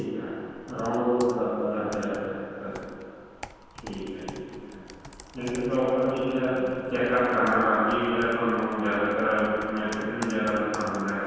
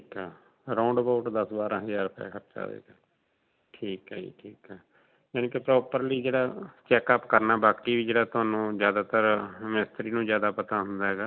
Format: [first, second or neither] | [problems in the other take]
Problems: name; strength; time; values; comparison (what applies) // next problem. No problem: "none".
second | background sound (Computer keyboard); 18 dB below the speech // room echo; dies away in 2.1 s